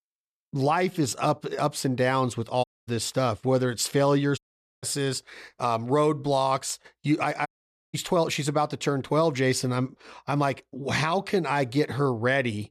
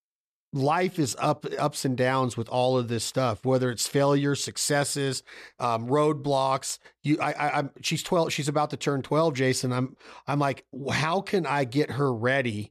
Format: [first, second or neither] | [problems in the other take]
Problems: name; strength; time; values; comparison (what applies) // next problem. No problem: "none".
second | audio cutting out; at 2.5 s, at 4.5 s and at 7.5 s